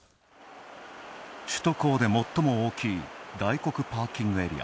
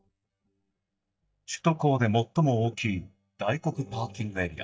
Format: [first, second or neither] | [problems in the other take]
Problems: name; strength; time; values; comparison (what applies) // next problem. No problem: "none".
first | noise reduction (neural mask model DeepFilterNet 3)